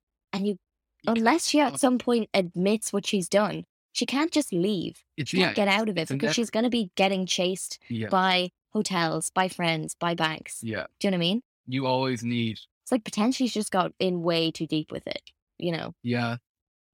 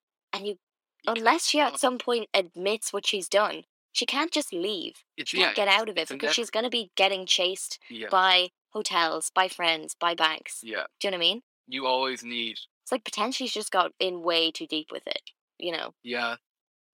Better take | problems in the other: first | thin; somewhat; fading below 350 Hz

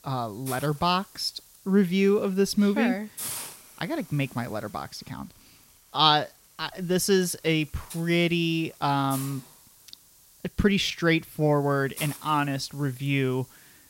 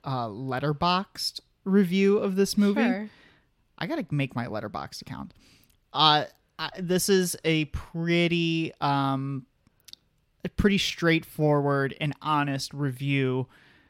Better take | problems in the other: second | hiss; noticeable; throughout; 15 dB below the speech

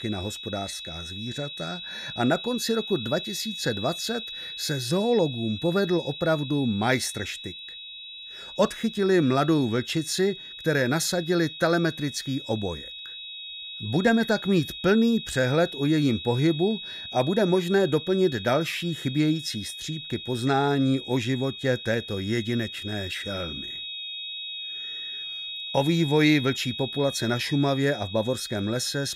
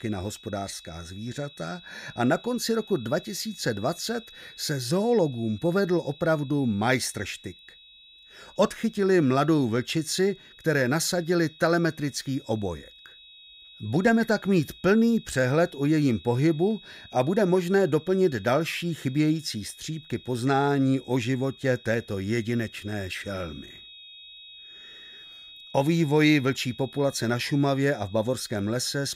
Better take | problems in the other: second | high-pitched whine; loud; throughout; 4 kHz, 9 dB below the speech; faint in the second

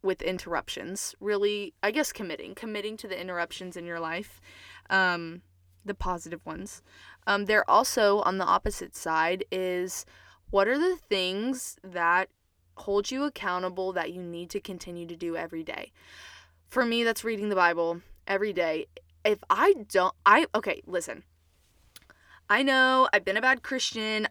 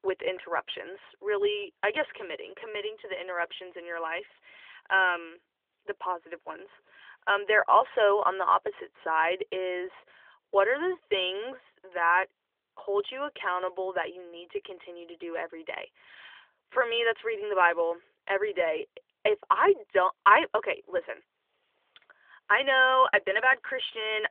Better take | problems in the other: first | phone-call audio; nothing above 3 kHz

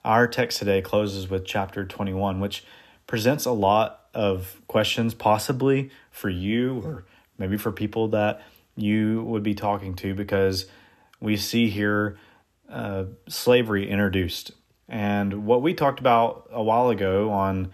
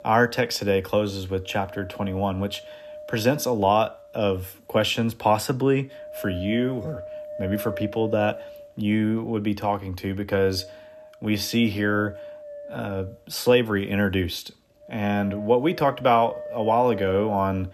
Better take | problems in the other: first | wind noise on the microphone; occasional gusts; 15 dB below the speech

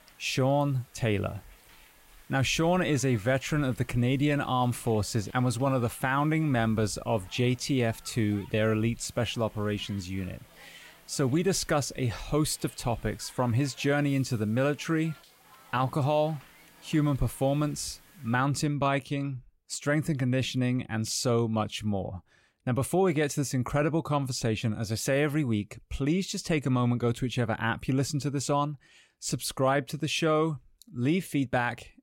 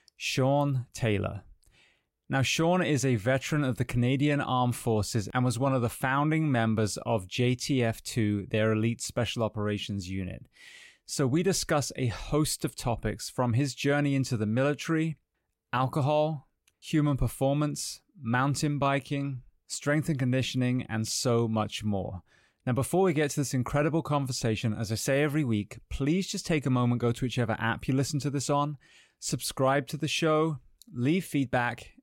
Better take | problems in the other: second | hiss; faint; until 18 s; 25 dB below the speech

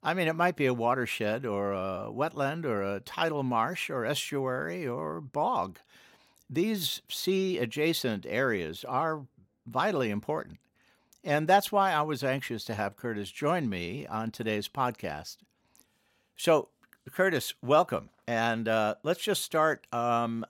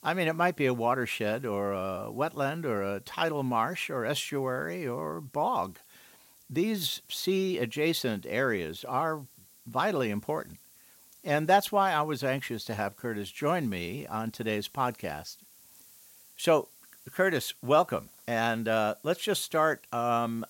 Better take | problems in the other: first | hiss; faint; throughout; 25 dB below the speech

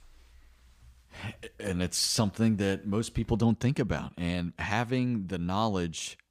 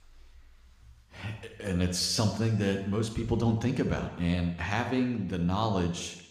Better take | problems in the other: first | room echo; slight; dies away in 0.9 s

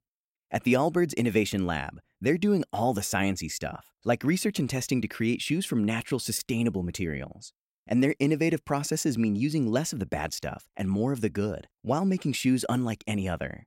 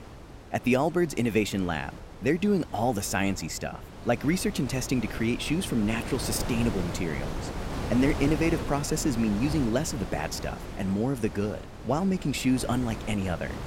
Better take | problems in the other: first | wind noise on the microphone; heavy; 9 dB below the speech

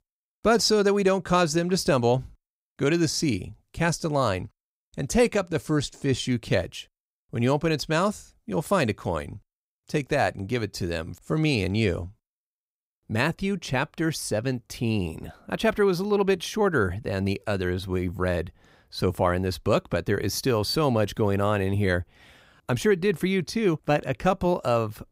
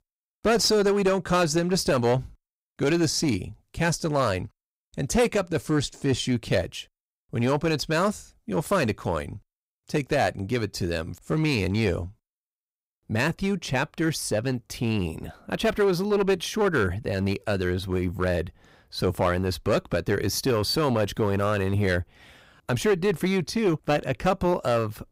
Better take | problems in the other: first | distortion; slight; 6% of the sound clipped

